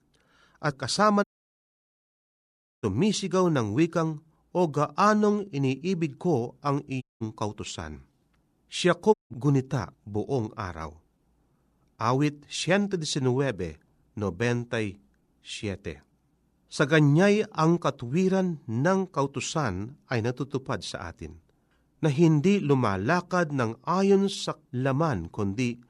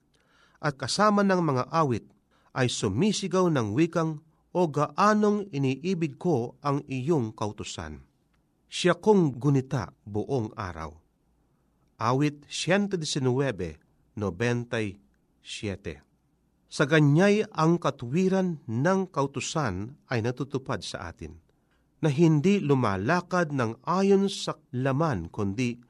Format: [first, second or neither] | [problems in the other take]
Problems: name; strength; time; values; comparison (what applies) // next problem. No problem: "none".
second | audio cutting out; at 1 s for 1.5 s, at 7 s and at 9 s